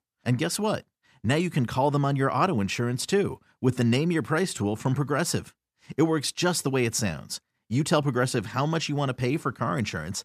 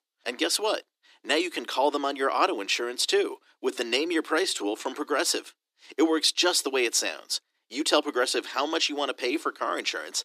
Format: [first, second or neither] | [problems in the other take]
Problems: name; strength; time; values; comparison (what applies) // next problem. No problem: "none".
first | thin; somewhat; fading below 300 Hz